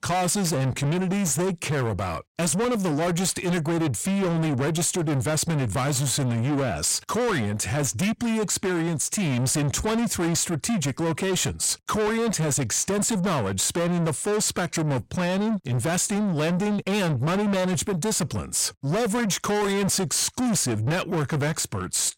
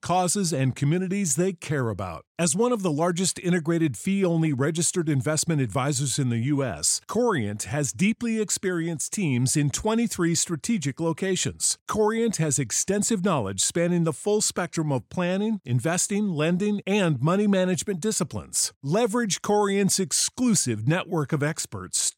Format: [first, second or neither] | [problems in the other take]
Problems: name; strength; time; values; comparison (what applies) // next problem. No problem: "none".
second | distortion; heavy; 7 dB below the speech